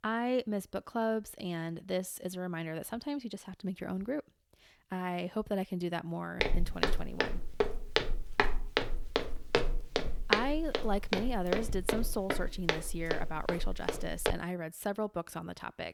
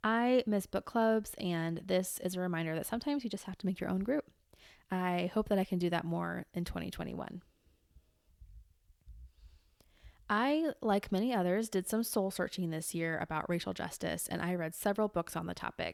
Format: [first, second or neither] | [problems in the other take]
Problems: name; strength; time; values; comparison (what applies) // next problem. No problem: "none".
second | footsteps; loud; from 6.5 to 14 s; peak 6 dB above the speech